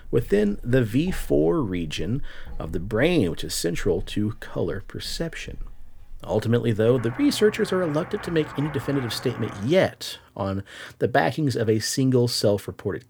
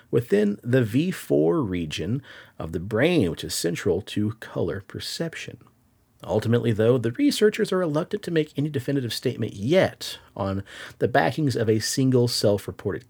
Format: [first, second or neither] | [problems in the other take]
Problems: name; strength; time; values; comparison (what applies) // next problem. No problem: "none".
second | household noises; noticeable; until 9.5 s; 15 dB below the speech